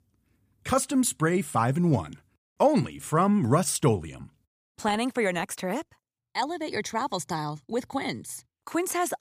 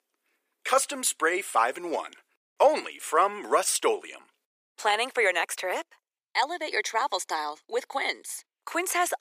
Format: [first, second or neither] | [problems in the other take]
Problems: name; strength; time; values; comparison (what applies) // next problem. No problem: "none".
first | thin; very; fading below 400 Hz